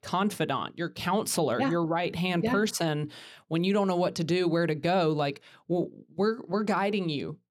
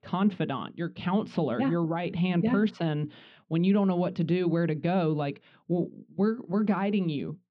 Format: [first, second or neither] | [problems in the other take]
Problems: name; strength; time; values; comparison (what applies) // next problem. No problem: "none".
first | muffled; slightly; fading above 3.5 kHz